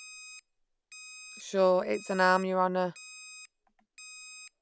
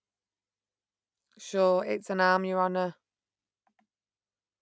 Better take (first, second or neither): second